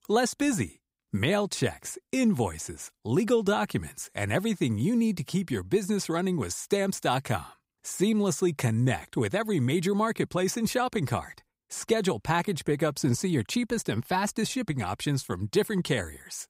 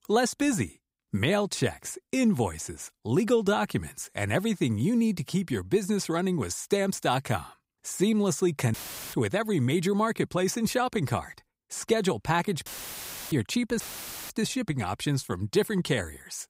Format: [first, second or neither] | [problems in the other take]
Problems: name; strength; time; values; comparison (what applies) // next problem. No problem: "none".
first | audio cutting out; filled with static; at 8.5 s, at 13 s for 0.5 s and at 14 s for 0.5 s